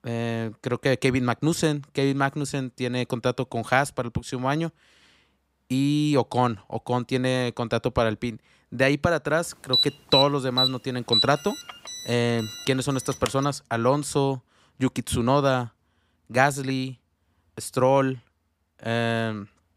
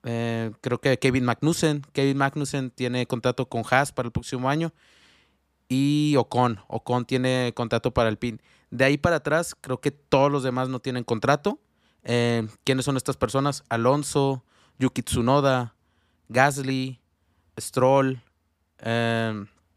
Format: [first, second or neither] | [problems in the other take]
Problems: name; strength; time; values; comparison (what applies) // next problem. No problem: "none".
second | alarm; loud; from 9.5 to 13 s; peak 3 dB above the speech